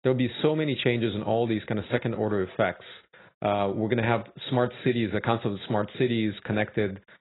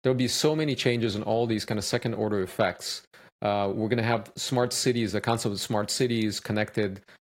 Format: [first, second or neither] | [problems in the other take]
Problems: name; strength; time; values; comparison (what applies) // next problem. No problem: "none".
second | garbled, watery; badly; nothing above 4 kHz; slightly in the second